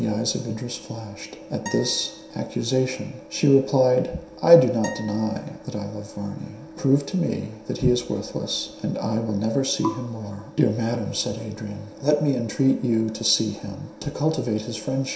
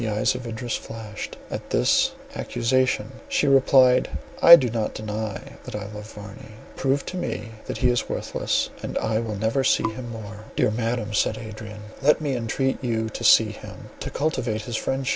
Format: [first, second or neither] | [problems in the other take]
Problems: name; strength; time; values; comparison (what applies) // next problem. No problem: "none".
second | background sound (Acoustic guitar); 17 dB below the speech // room echo; dies away in 0.7 s